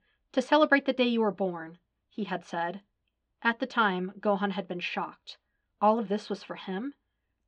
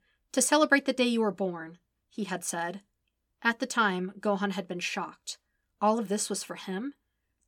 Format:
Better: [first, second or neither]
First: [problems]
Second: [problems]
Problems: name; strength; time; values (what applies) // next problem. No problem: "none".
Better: second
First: muffled; slightly; fading above 3.5 kHz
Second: none